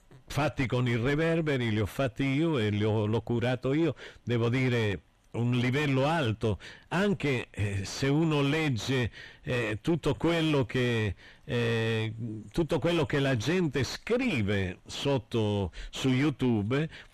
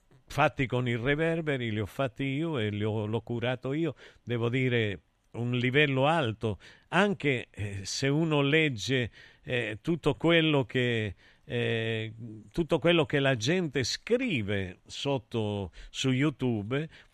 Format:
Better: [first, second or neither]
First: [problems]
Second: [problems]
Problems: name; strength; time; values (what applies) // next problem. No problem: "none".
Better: second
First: distortion; heavy; 5 dB below the speech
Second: none